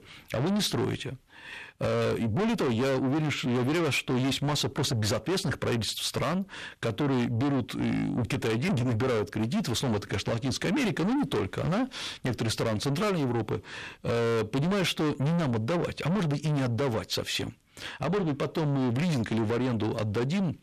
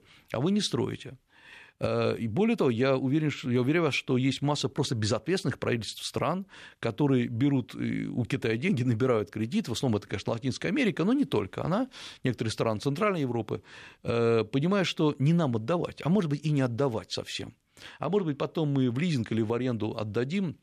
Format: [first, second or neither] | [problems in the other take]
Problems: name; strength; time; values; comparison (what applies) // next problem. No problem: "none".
second | distortion; heavy; 6 dB below the speech